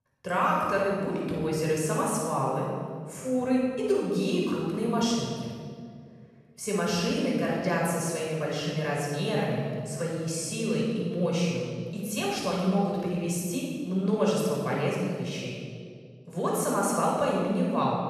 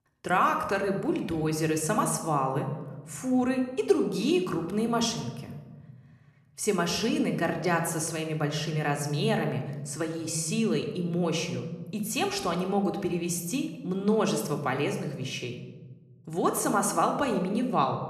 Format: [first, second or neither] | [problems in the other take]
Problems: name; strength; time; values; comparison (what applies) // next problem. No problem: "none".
second | room echo; strong; dies away in 1.7 s; slight in the second // off-mic speech; far